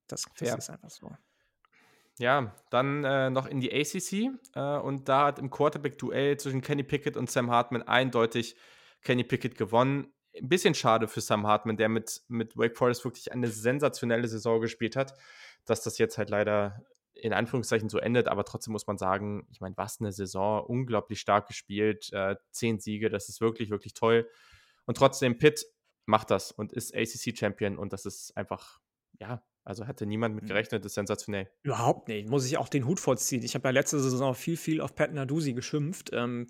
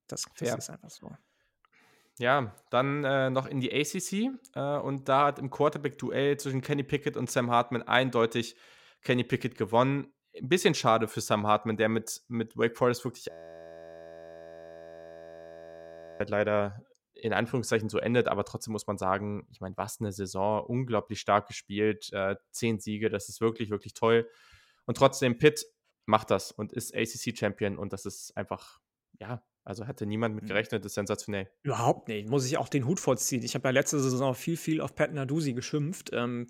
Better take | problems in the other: first | audio freezing; at 13 s for 3 s

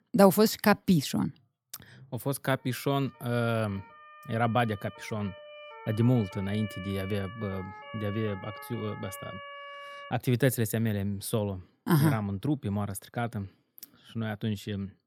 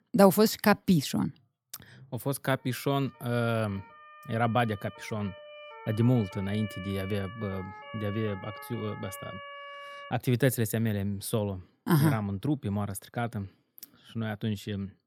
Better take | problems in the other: neither | siren; faint; from 2.5 to 10 s; peak 10 dB below the speech; the same in both

